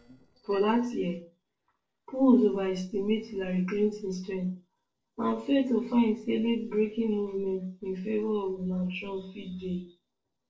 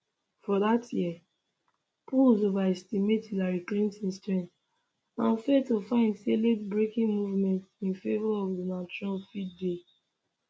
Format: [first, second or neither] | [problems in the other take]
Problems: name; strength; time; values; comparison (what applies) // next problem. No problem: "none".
second | noise reduction (neural separator model SepFormer DNS4)